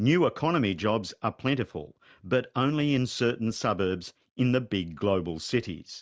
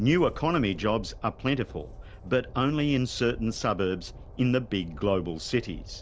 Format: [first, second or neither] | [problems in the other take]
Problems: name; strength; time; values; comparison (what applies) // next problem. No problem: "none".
first | background sound (Train); 15 dB below the speech